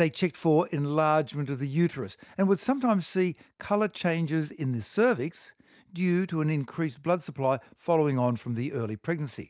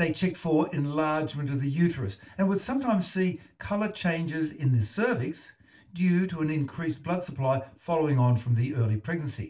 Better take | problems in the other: first | room echo; dies away in 0.2 s

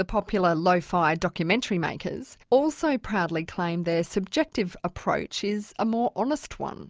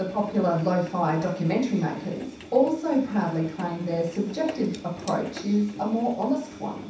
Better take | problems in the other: first | background sound (Engine); 16 dB below the speech // room echo; dies away in 0.7 s

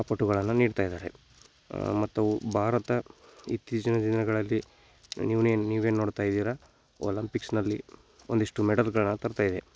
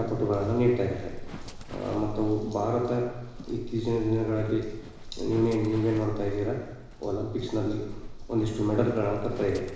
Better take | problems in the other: first | background sound (Livestock, farm animals, working animals); 11 dB below the speech // room echo; dies away in 1 s

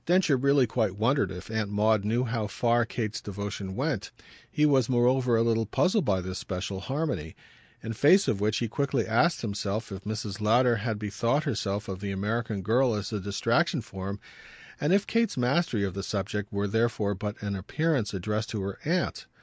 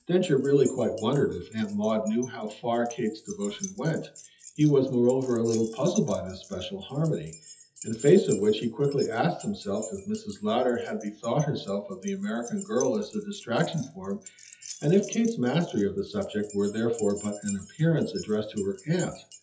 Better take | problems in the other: first | noise reduction (classical method WPE with log-MMSE)

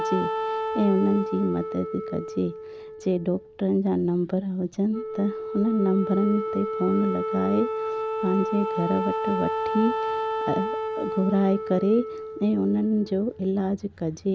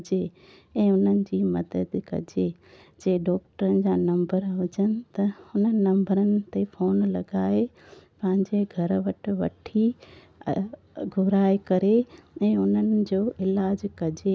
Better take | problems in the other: second | background sound (Wind instrument, woodwind instrument); 5 dB below the speech

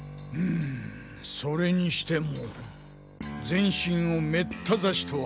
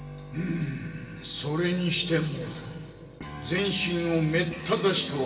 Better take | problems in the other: first | room echo; dies away in 2.8 s

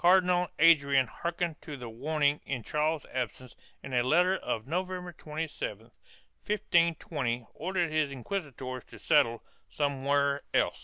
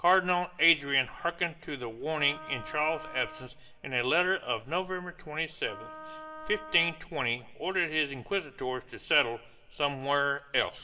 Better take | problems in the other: first | background sound (Wind instrument, woodwind instrument); 15 dB below the speech // room echo; dies away in 2.8 s

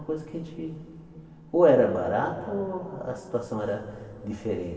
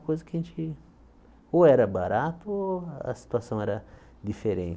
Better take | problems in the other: second | room echo; dies away in 2.4 s

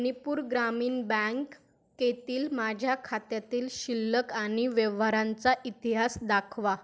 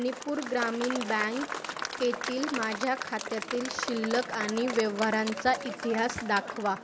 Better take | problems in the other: first | background sound (Applause / Crowd); 7 dB below the speech

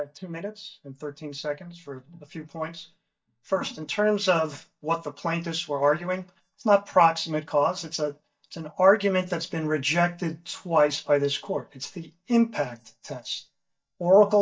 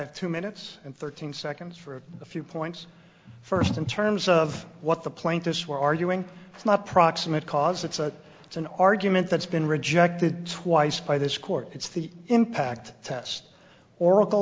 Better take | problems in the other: second | noise reduction (neural mask model DeepFilterNet 3)

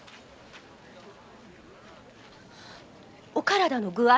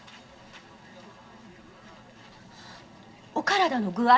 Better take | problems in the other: first | room echo; dies away in 2 s

